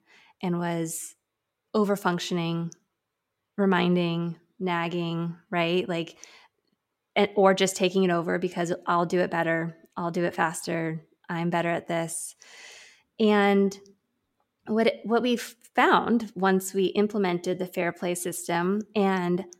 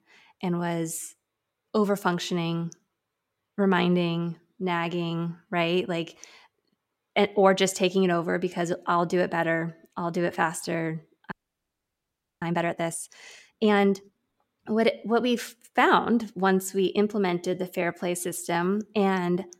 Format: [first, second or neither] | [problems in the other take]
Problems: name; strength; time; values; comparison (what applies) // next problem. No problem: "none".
first | audio freezing; at 11 s for 1 s